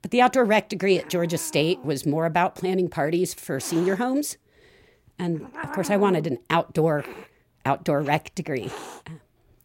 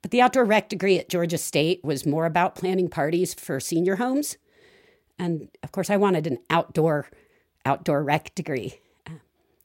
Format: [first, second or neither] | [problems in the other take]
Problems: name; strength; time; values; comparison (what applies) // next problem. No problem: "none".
second | hiss; noticeable; throughout; 15 dB below the speech